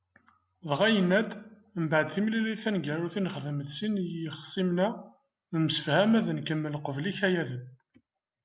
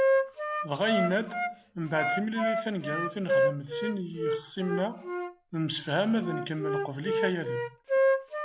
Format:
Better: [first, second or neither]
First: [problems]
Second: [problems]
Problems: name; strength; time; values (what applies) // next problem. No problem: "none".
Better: first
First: none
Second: background sound (Wind instrument, woodwind instrument); 2 dB above the speech